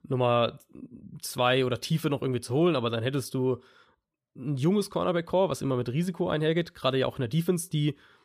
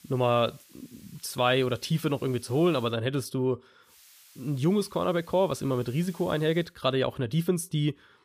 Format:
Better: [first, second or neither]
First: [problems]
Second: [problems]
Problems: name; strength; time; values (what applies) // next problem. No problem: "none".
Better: first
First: none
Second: hiss; faint; until 3 s and from 4 to 6.5 s; 25 dB below the speech